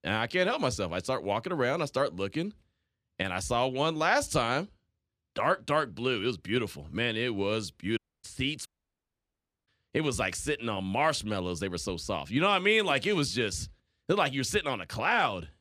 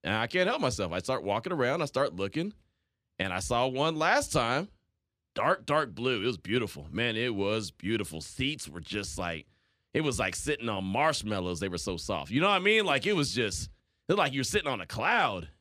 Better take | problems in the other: second | audio cutting out; at 8 s and at 8.5 s for 1 s

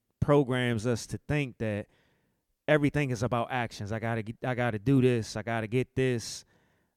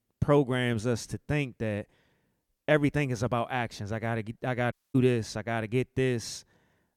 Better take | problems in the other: first | audio cutting out; at 4.5 s

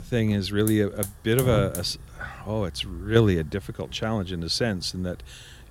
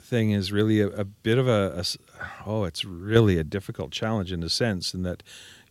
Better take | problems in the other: second | hiss; loud; throughout; 10 dB below the speech

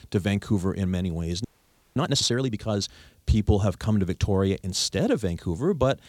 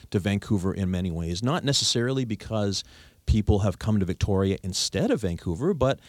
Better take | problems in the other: second | audio freezing; at 1.5 s for 0.5 s

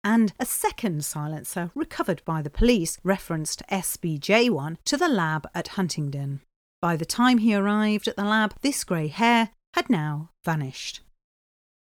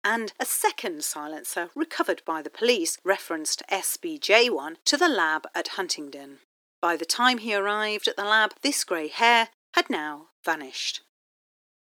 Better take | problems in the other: first | thin; somewhat; fading below 300 Hz

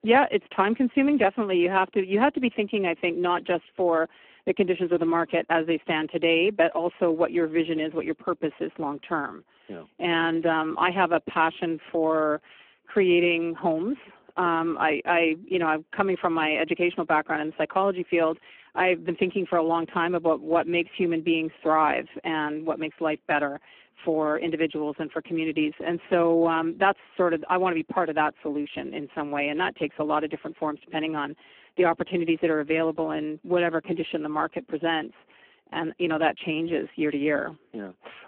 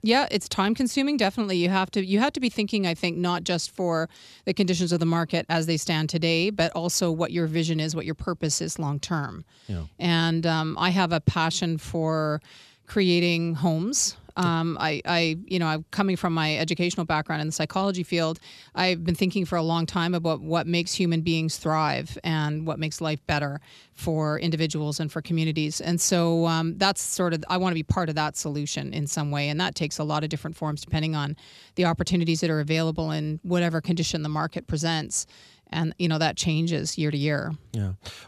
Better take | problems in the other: second | phone-call audio; poor line

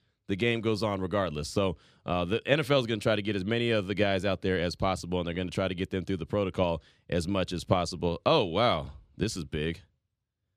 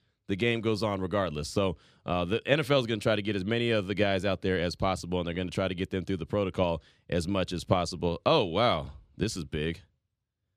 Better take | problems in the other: neither | none

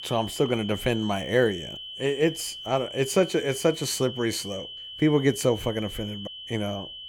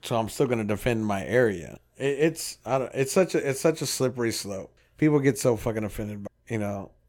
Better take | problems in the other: second | high-pitched whine; noticeable; throughout; 3 kHz, 10 dB below the speech

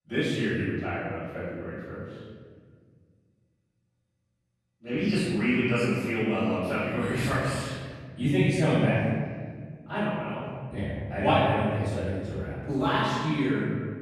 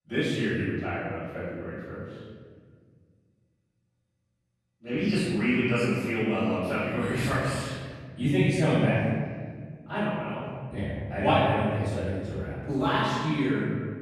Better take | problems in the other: neither | off-mic speech; far; the same in both // room echo; strong; dies away in 1.8 s; the same in both

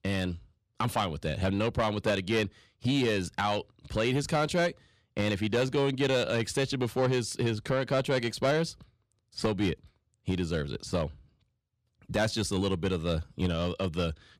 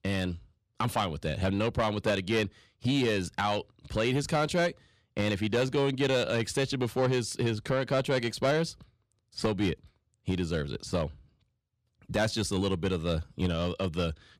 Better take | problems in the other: neither | distortion; slight; 10 dB below the speech; the same in both

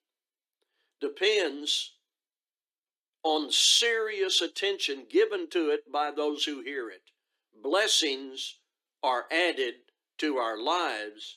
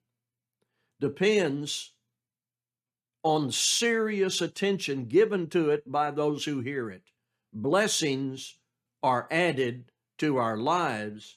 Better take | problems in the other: second | thin; somewhat; fading below 300 Hz

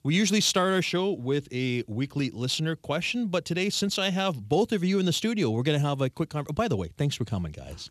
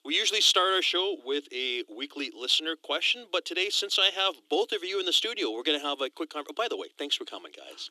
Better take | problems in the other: first | thin; very; fading below 300 Hz

